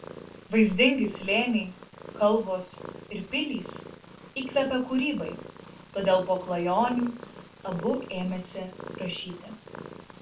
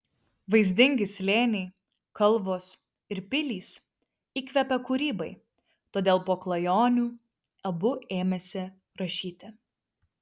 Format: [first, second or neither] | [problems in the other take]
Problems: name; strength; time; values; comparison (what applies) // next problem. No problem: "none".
second | background sound (Purr); 15 dB below the speech // room echo; dies away in 0.2 s